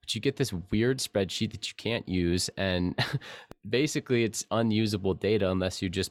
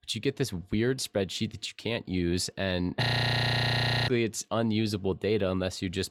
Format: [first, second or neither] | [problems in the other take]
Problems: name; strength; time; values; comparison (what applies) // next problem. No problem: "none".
first | audio freezing; at 3 s for 1 s